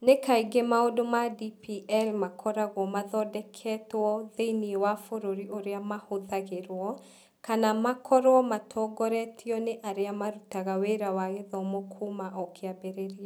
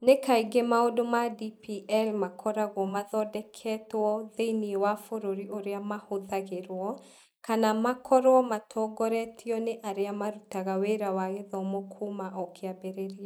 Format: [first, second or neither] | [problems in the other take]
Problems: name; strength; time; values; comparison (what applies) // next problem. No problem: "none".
first | noise reduction (neural mask model Resemble Enhance denoiser)